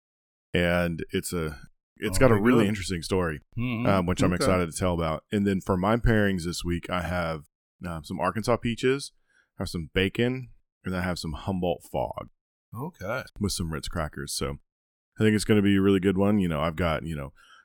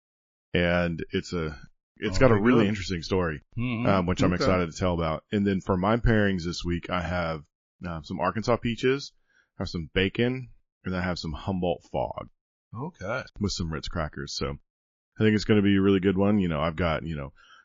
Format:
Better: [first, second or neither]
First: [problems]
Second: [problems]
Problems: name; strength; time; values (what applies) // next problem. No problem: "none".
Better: first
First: none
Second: garbled, watery; slightly